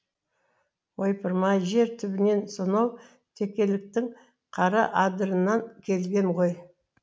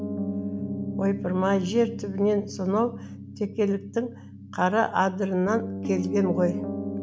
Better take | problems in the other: first | background sound (Piano); 7 dB below the speech

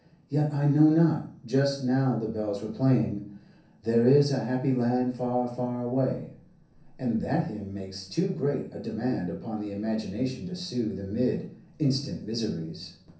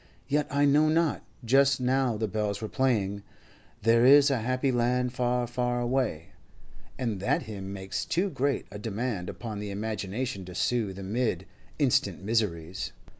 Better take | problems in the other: second | room echo; dies away in 0.6 s

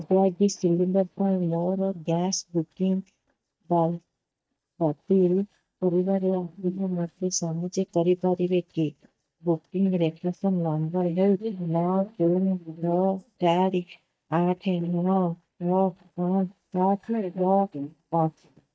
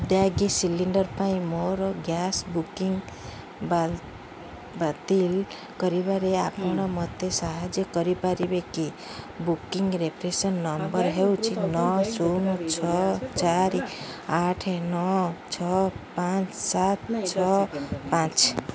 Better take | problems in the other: second | noise reduction (neural mask model DeepFilterNet 3)

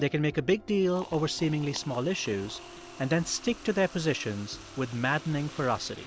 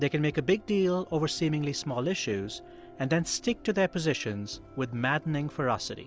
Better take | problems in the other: second | background sound (Liquid); 19 dB below the speech

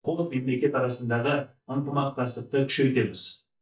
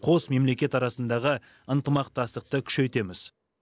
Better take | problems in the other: second | noise reduction (neural mask model DeepFilterNet 3)

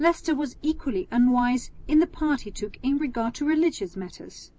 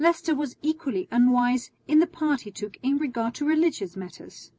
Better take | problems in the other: second | background sound (Wind); 16 dB below the speech

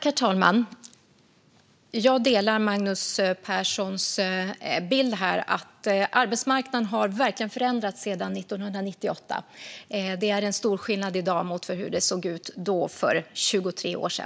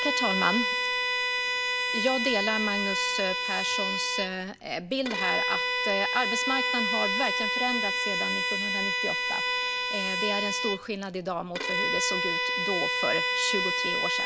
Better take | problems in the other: first | background sound (Bowed string instrument); 4 dB above the speech

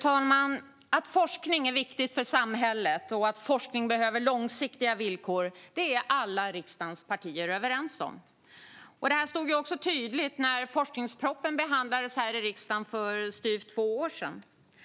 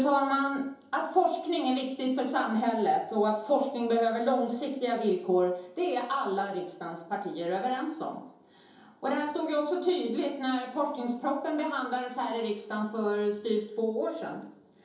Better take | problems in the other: first | room echo; dies away in 2.8 s

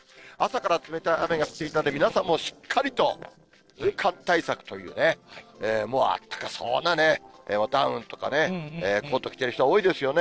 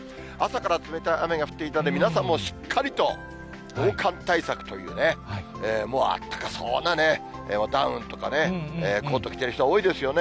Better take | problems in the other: second | noise reduction (neural separator model SepFormer DNS4)

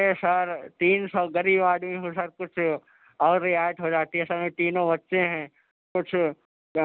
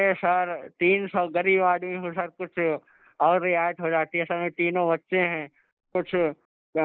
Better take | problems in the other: first | noise reduction (neural mask model Resemble Enhance denoiser)

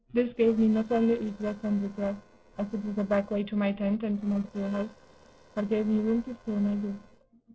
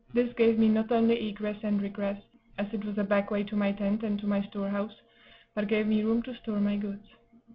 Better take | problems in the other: second | noise reduction (neural separator model SepFormer DNS4)

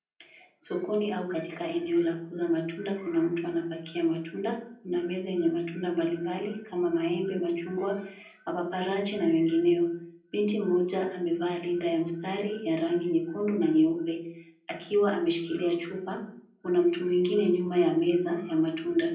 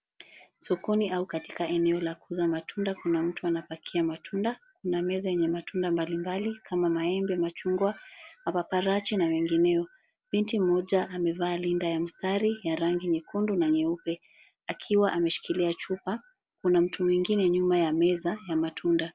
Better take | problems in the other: second | room echo; dies away in 0.6 s

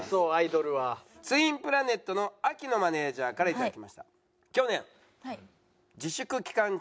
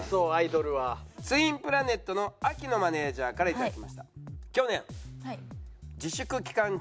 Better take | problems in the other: first | background sound (Bass guitar); 14 dB below the speech

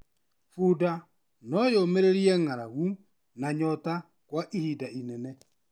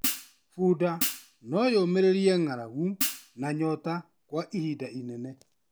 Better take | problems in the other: first | background sound (Hi-hat); 6 dB below the speech

